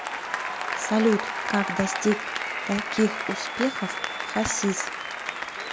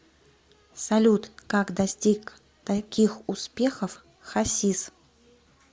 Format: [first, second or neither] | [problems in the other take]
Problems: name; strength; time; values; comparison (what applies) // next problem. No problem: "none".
second | background sound (Applause); 3 dB below the speech